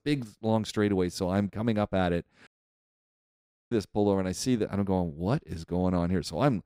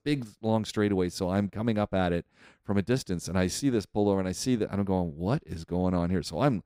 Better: second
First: audio cutting out; at 2.5 s for 1 s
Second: none

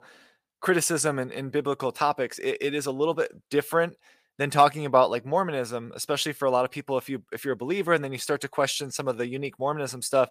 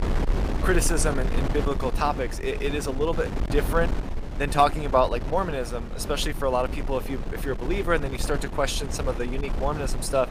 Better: first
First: none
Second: wind noise on the microphone; occasional gusts; 10 dB below the speech

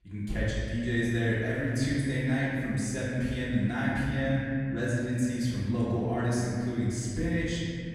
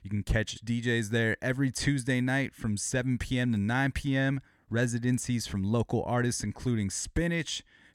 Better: second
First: room echo; strong; dies away in 2.6 s // off-mic speech; far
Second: none

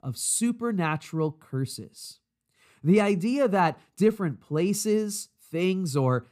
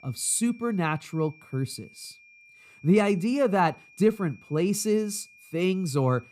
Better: first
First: none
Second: high-pitched whine; faint; throughout; 2.5 kHz, 25 dB below the speech

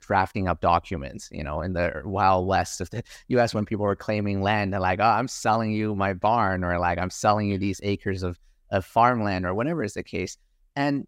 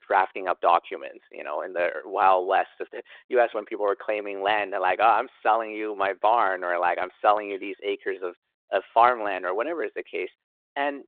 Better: first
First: none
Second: phone-call audio

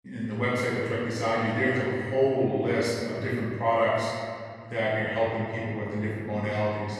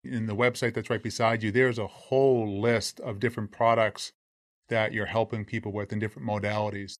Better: second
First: off-mic speech; far // room echo; strong; dies away in 2.2 s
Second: none

